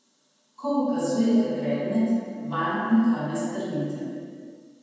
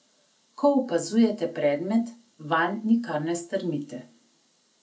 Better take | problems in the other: second | room echo; dies away in 2.1 s

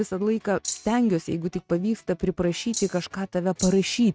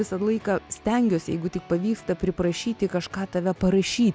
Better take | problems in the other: second | noise reduction (neural mask model RNNoise)

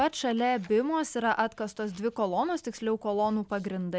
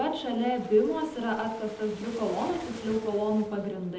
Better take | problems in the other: first | background sound (Waves, surf); 17 dB below the speech // room echo; dies away in 0.8 s

